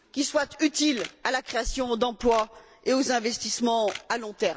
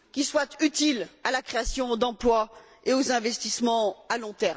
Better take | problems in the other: second | background sound (Camera); 19 dB below the speech

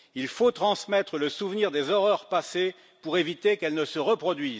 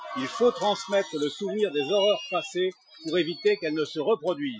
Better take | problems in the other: first | noise reduction (classical method Wiener filter)

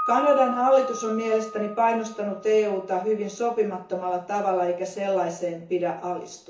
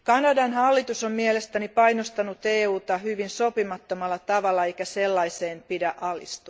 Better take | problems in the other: second | background sound (Piano); 12 dB below the speech // room echo; dies away in 0.7 s

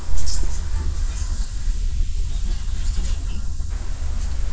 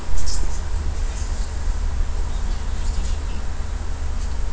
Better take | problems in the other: second | noise reduction (neural mask model Resemble Enhance denoiser)

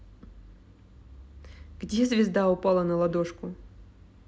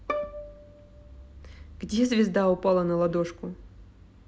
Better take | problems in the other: first | background sound (Bowed string instrument); 12 dB below the speech

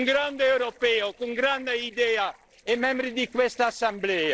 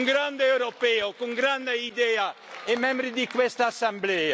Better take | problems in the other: second | noise reduction (neural separator model SepFormer DNS4)

